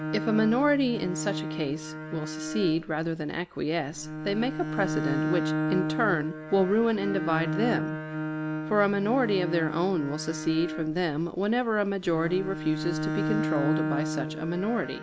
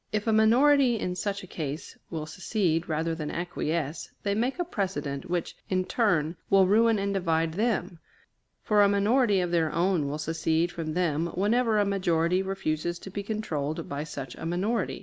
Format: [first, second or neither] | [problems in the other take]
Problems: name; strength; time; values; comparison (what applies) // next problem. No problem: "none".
second | background sound (Bowed string instrument); 4 dB below the speech